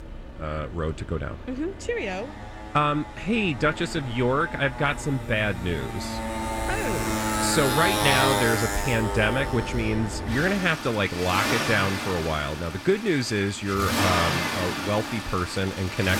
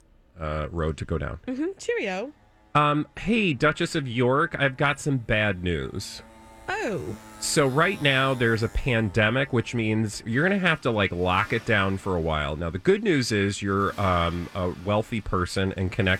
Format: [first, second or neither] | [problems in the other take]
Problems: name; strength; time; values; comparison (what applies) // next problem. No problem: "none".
second | traffic noise; loud; throughout; 2 dB below the speech; faint in the second